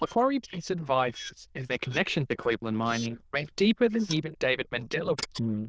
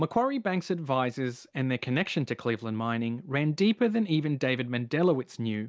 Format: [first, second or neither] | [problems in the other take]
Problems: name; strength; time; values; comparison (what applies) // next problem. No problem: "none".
second | noise reduction (neural diffusion model UNIVERSE++)